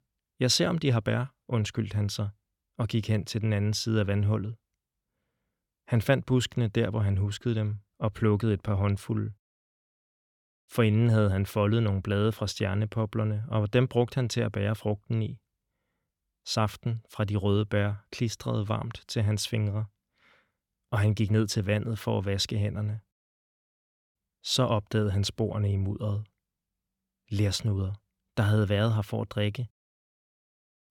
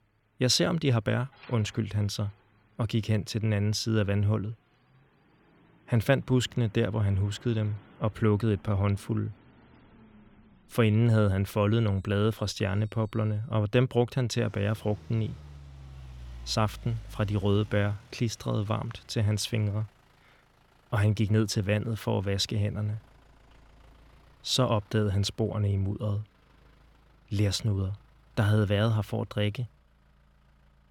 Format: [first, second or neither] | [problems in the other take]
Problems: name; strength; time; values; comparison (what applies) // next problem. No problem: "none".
first | traffic noise; faint; throughout; 25 dB below the speech